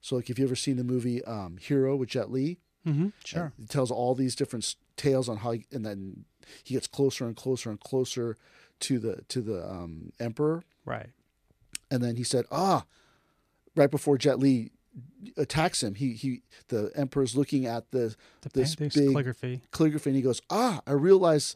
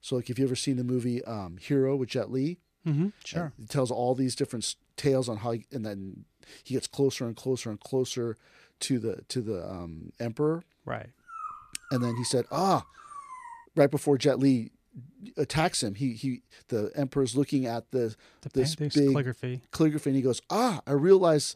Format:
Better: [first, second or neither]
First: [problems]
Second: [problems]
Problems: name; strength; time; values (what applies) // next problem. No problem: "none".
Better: first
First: none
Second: dog barking; faint; from 11 to 14 s; peak 10 dB below the speech